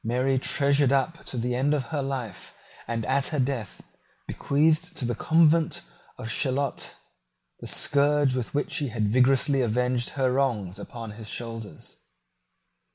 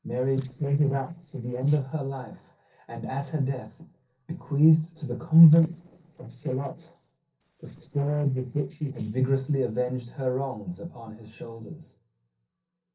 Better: first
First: none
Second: noise reduction (neural separator model SepFormer DNS4)

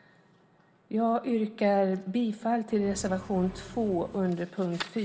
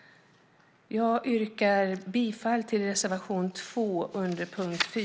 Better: second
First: background sound (Accelerating, revving, vroom); 16 dB below the speech // room echo; dies away in 2 s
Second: none

